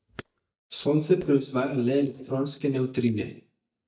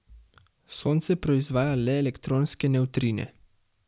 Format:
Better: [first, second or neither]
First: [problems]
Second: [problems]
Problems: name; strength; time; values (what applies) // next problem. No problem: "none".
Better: second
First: noise reduction (neural mask model DeepFilterNet 3)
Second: none